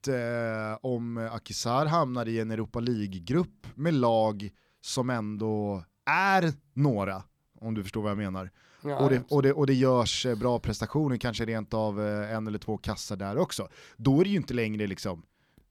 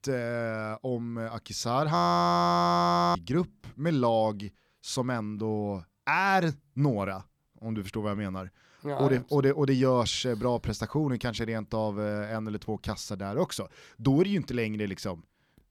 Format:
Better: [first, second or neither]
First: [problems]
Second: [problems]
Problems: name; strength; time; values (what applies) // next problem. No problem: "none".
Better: first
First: none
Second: audio freezing; at 2 s for 1 s